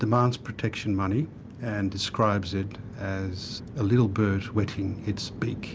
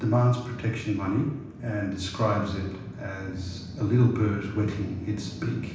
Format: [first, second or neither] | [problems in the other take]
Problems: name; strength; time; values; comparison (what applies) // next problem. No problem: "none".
first | room echo; dies away in 0.9 s